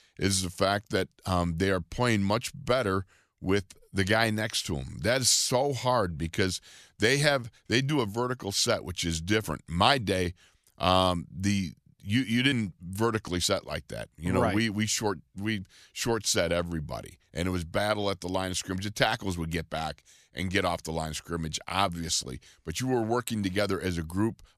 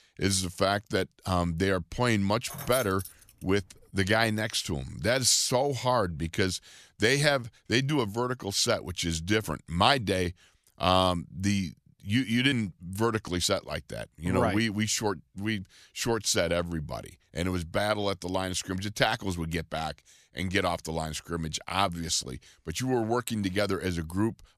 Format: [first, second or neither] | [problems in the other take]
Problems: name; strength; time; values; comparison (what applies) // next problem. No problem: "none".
first | jangling keys; noticeable; at 2.5 s; peak 8 dB below the speech